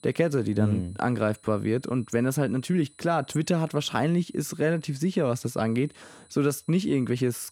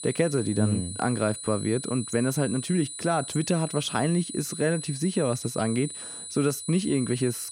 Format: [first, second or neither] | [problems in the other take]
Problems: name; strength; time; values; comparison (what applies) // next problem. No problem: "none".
first | high-pitched whine; loud; throughout; 9.5 kHz, 8 dB below the speech; faint in the first